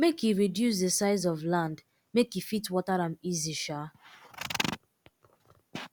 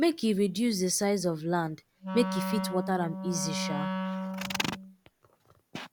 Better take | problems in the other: first | background sound (Wind instrument, woodwind instrument); 4 dB below the speech

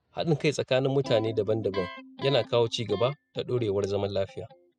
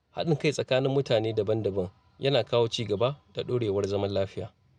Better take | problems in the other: second | noise reduction (classical method spectral subtraction)

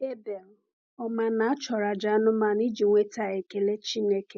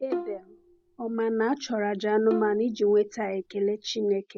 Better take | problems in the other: first | background sound (Bowed string instrument); 12 dB below the speech

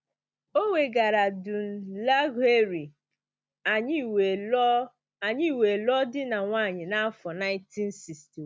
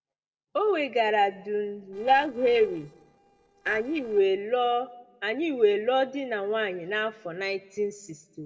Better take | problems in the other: first | noise reduction (neural separator model SepFormer DNS4)

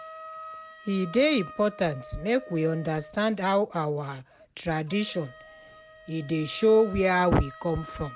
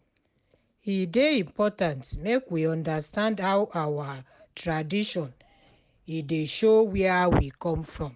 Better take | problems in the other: second | background sound (Wind instrument, woodwind instrument); 18 dB below the speech

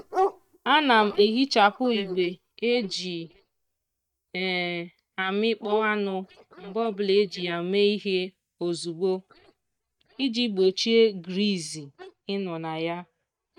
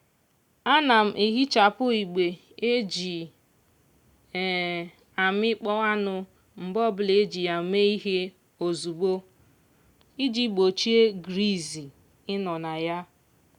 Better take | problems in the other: second | noise reduction (neural mask model DeepFilterNet 3)

